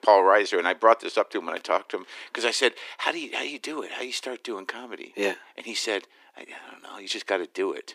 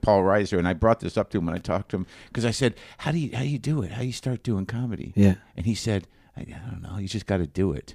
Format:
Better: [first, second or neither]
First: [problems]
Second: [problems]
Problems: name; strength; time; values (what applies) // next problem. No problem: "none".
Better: second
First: thin; very; fading below 350 Hz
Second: none